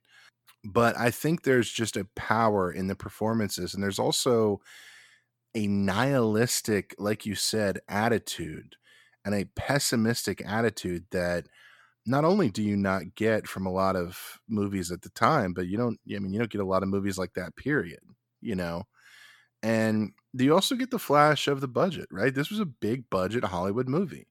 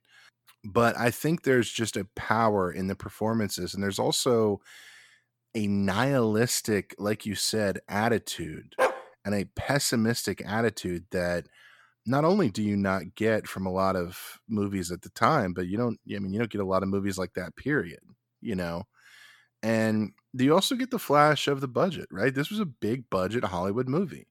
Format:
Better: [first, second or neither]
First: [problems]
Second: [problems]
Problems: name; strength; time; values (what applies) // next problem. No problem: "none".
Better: first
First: none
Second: dog barking; loud; at 9 s; peak level with the speech